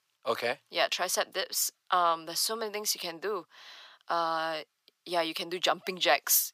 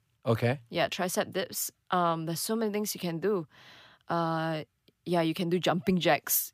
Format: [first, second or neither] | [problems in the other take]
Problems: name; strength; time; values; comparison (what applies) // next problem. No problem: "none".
second | thin; very; fading below 550 Hz